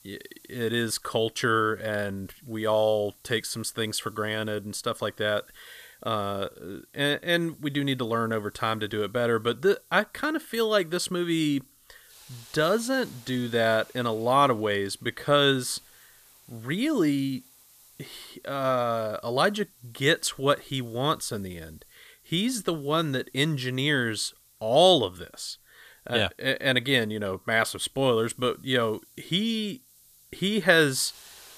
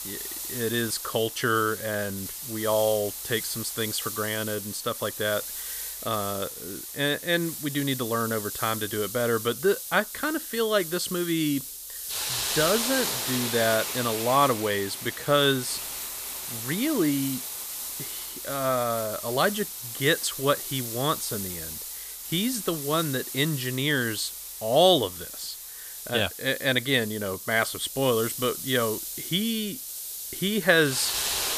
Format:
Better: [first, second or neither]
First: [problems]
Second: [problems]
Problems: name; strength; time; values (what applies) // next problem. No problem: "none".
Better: first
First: hiss; faint; throughout; 25 dB below the speech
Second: hiss; loud; throughout; 6 dB below the speech